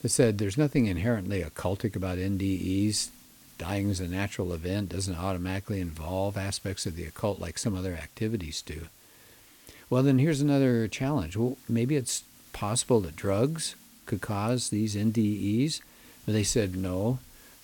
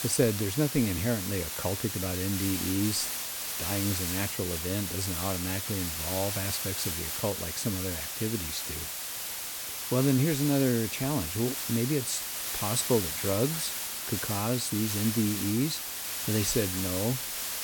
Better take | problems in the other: first | hiss; loud; throughout; 1 dB below the speech; faint in the first

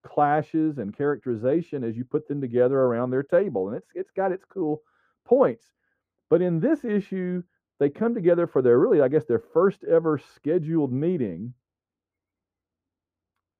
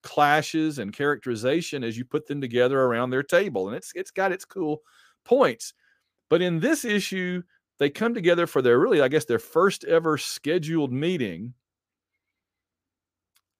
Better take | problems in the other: second | muffled; very; fading above 2 kHz

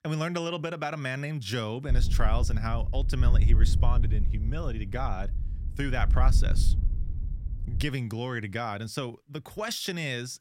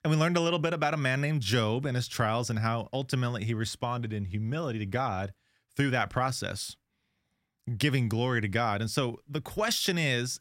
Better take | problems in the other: second | wind noise on the microphone; occasional gusts; from 2 to 8 s; 15 dB below the speech

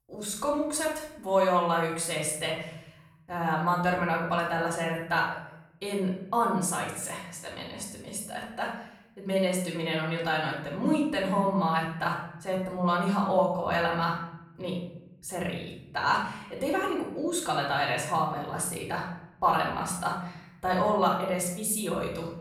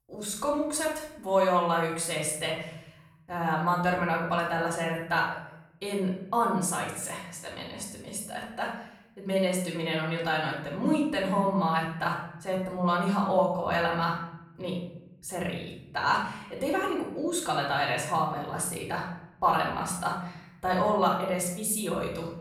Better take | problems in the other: neither | off-mic speech; far; the same in both // room echo; noticeable; dies away in 0.7 s; the same in both

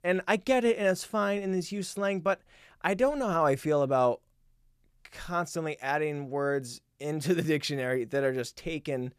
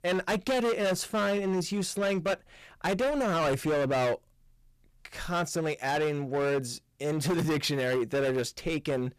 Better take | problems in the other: first | distortion; heavy; 20% of the sound clipped

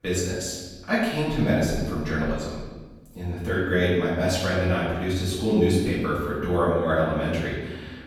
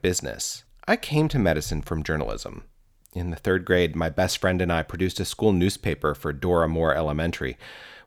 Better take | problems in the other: second | room echo; noticeable; dies away in 1.1 s // off-mic speech; far

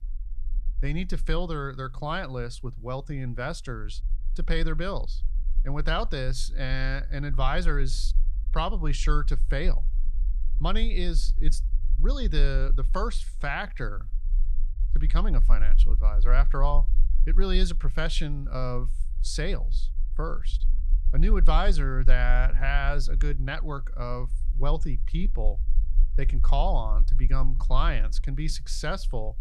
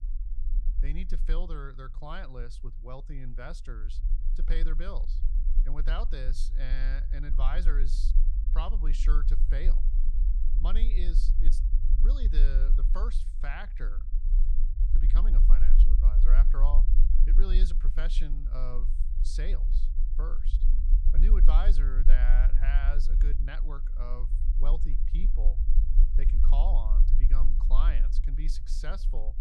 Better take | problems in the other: first | low rumble; loud; throughout; 10 dB below the speech; faint in the first

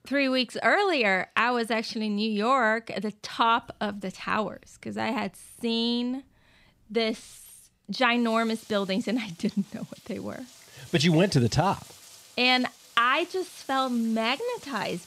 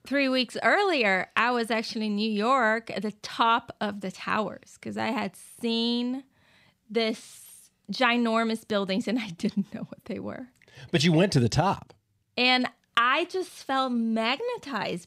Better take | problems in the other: second | rain or running water; faint; from 3.5 s on; 25 dB below the speech

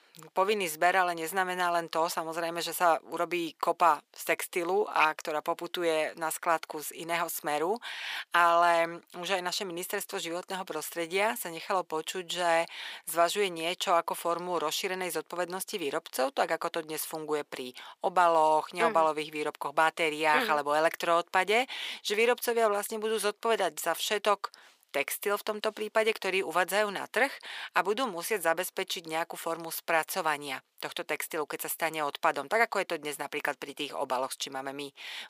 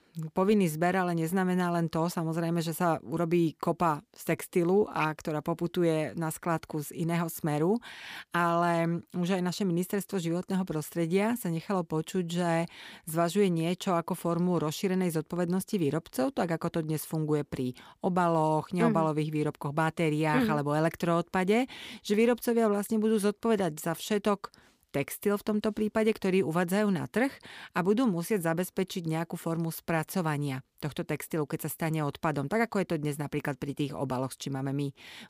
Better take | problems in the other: second | thin; very; fading below 650 Hz

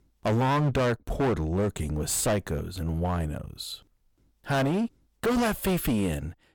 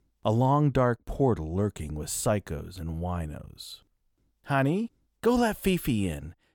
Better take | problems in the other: second | distortion; heavy; 16% of the sound clipped

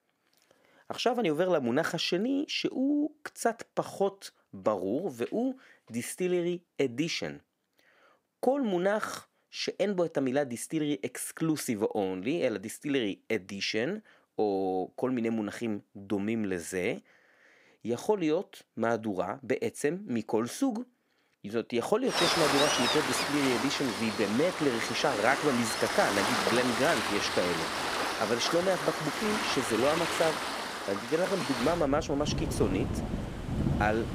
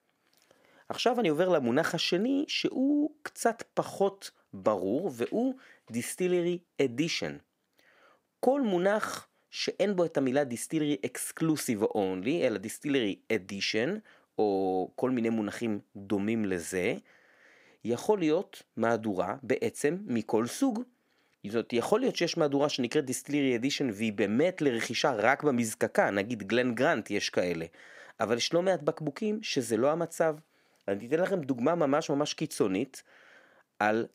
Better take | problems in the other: second | rain or running water; loud; from 22 s on; 1 dB below the speech

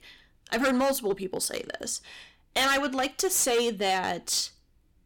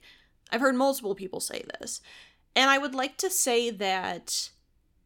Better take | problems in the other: second | distortion; heavy; 8% of the sound clipped

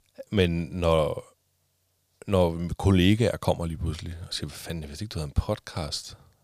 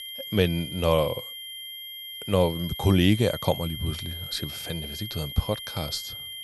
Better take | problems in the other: first | high-pitched whine; loud; throughout; 3 kHz, 9 dB below the speech

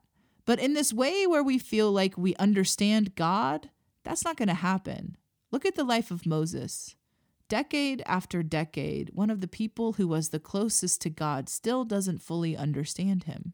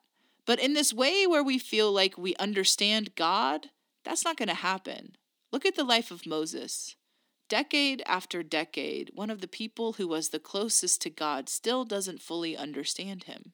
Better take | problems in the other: first | thin; very slightly; fading below 250 Hz

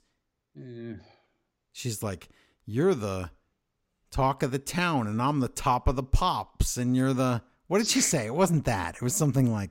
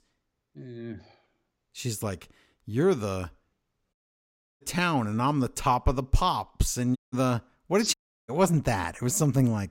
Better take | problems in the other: first | audio cutting out; at 4 s for 0.5 s, at 7 s and at 8 s

